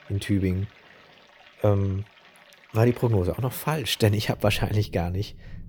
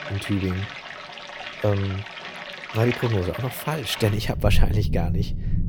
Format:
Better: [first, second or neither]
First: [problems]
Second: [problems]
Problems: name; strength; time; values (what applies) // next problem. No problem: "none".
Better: first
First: rain or running water; faint; throughout; 20 dB below the speech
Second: rain or running water; loud; throughout; 5 dB below the speech